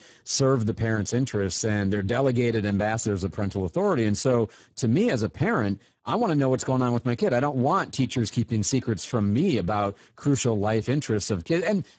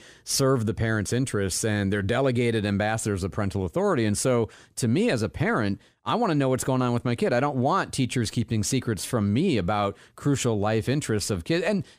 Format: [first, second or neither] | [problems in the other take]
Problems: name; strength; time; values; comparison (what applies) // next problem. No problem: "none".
second | garbled, watery; badly; nothing above 7.5 kHz